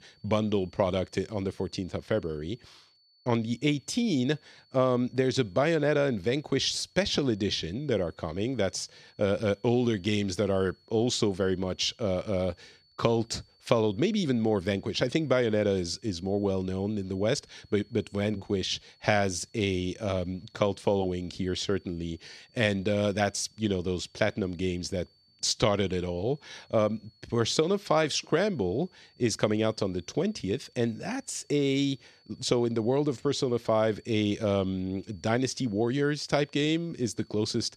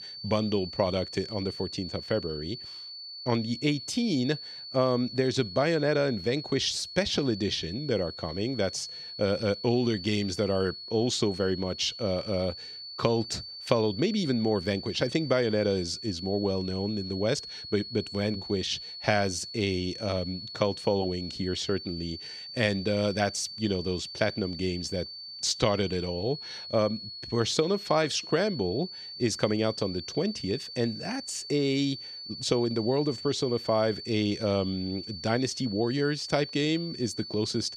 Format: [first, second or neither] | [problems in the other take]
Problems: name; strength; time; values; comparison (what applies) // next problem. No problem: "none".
first | high-pitched whine; loud; throughout; 4.5 kHz, 10 dB below the speech; faint in the first